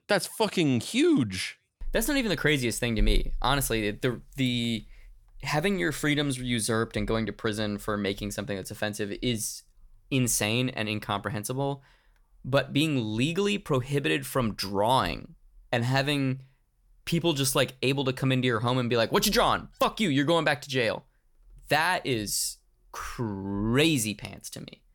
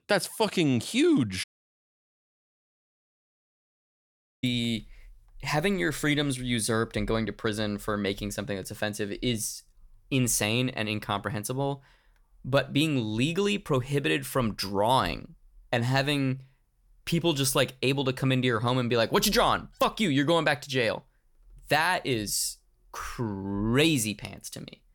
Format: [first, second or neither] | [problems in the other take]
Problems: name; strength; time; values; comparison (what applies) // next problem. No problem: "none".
first | audio cutting out; at 1.5 s for 3 s